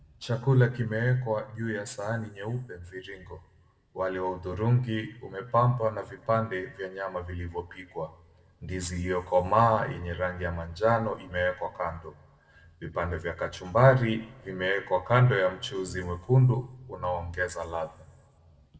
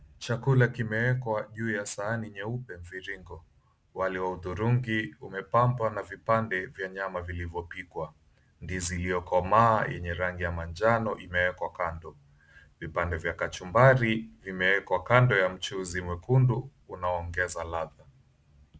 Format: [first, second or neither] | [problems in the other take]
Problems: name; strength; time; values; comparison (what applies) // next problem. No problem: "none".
second | room echo; dies away in 1.1 s